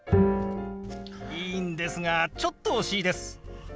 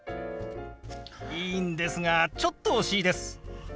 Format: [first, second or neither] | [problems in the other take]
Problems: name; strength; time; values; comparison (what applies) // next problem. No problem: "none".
second | background sound (Bowed string instrument); as loud as the speech